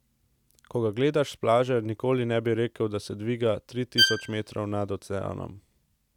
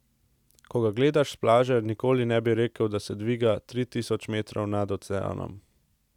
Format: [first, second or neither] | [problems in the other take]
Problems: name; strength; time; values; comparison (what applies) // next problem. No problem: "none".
second | background sound (Bowed string instrument); 1 dB above the speech